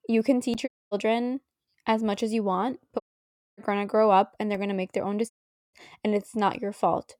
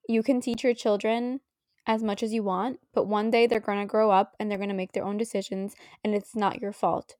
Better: second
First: audio cutting out; at 0.5 s, at 3 s for 0.5 s and at 5.5 s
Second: none

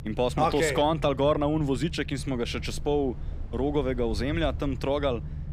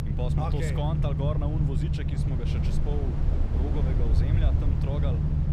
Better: first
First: low rumble; faint; throughout; 20 dB below the speech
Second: low rumble; loud; throughout; 1 dB below the speech

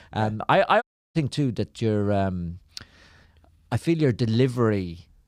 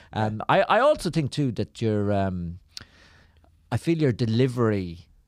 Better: second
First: audio cutting out; at 1 s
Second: none

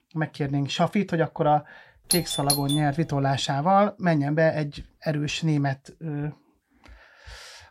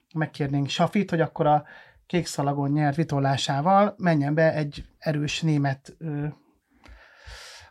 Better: second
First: doorbell; noticeable; at 2 s; peak level with the speech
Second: none

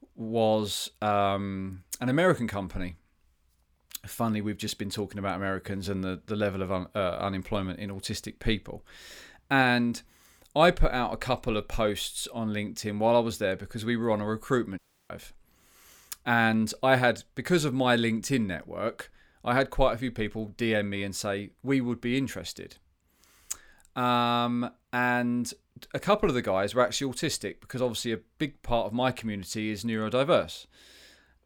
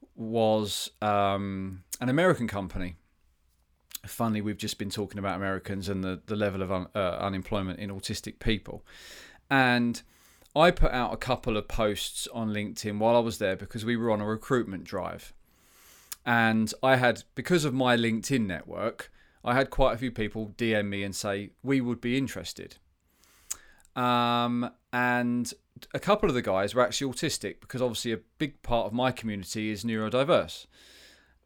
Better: second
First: audio cutting out; at 15 s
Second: none

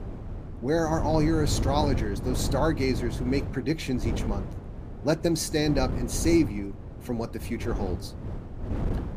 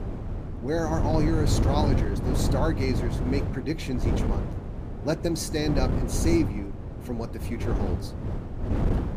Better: first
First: wind noise on the microphone; occasional gusts; 10 dB below the speech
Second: wind noise on the microphone; heavy; 5 dB below the speech

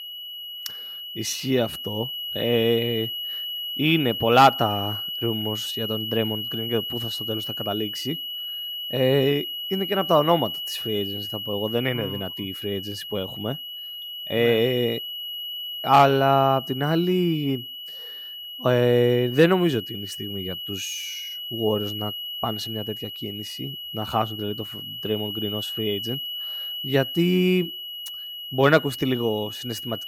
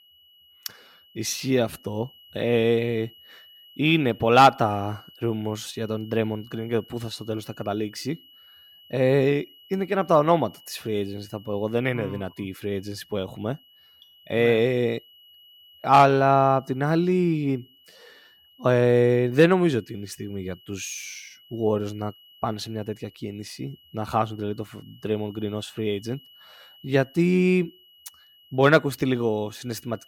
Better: second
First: high-pitched whine; loud; throughout; 3 kHz, 6 dB below the speech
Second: high-pitched whine; faint; throughout; 3 kHz, 25 dB below the speech

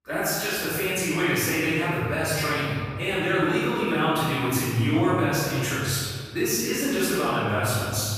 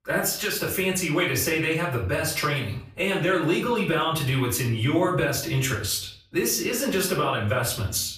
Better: second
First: room echo; strong; dies away in 1.9 s // off-mic speech; far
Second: room echo; slight; dies away in 0.4 s // off-mic speech; far

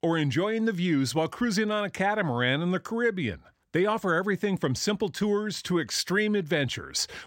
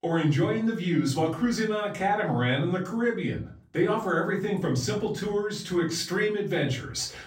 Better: first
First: none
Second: off-mic speech; far // room echo; slight; dies away in 0.4 s

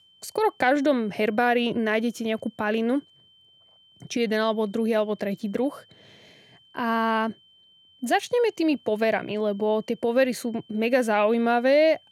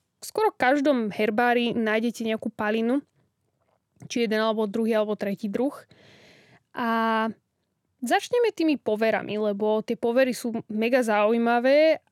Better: second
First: high-pitched whine; faint; throughout; 3 kHz, 30 dB below the speech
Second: none

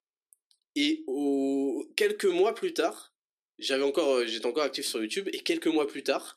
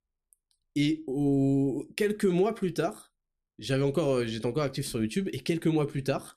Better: second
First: thin; very slightly; fading below 300 Hz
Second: none

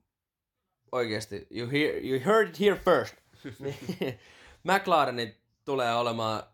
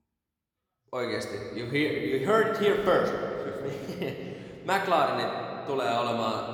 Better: first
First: none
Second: room echo; slight; dies away in 2.4 s

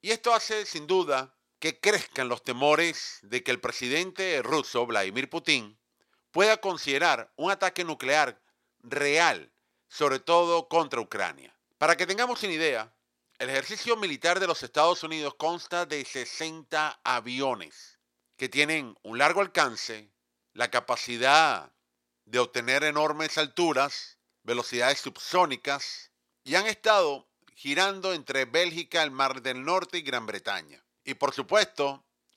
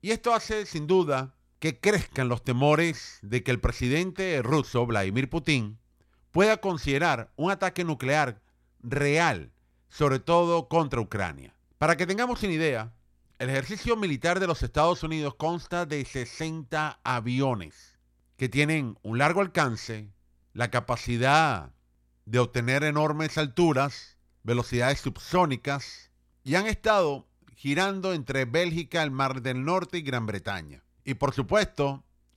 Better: second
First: thin; somewhat; fading below 400 Hz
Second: none

